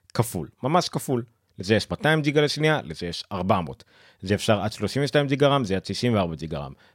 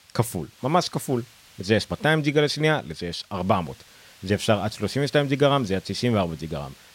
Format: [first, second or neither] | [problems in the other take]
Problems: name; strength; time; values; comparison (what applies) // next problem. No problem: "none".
first | hiss; faint; throughout; 25 dB below the speech